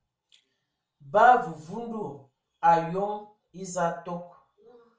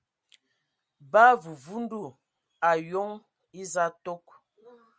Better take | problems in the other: second | room echo; dies away in 0.4 s

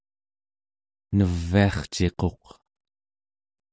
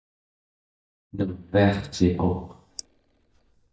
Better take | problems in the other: first | noise reduction (neural mask model DeepFilterNet 3)

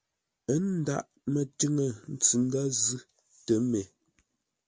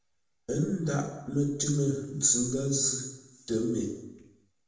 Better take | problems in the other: first | room echo; dies away in 0.8 s

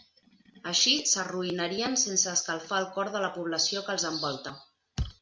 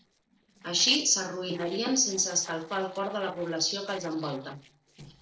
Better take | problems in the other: first | noise reduction (neural separator model SepFormer DNS4)

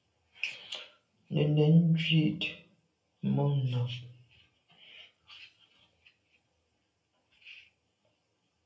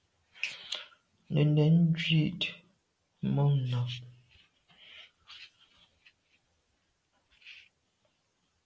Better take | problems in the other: second | room echo; dies away in 0.3 s

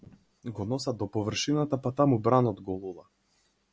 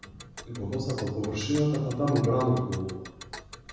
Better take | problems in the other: first | background sound (Tick); 16 dB below the speech // room echo; dies away in 1.1 s

